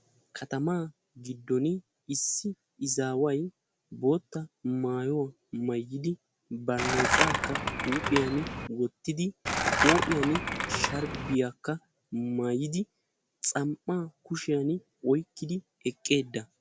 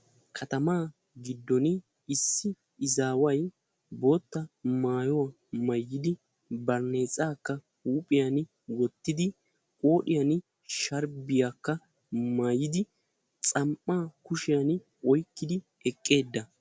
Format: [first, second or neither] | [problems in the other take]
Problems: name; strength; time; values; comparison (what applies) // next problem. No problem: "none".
second | background sound (Skateboard); 2 dB above the speech